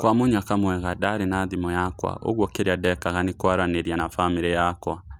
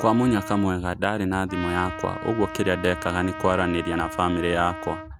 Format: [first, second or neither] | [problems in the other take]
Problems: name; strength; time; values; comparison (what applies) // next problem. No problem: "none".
first | background sound (Trumpet); 11 dB below the speech